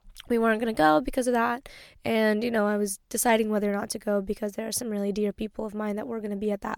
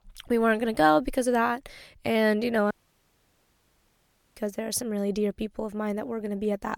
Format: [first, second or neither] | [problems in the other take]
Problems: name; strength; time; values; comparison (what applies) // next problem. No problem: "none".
first | audio cutting out; at 2.5 s for 1.5 s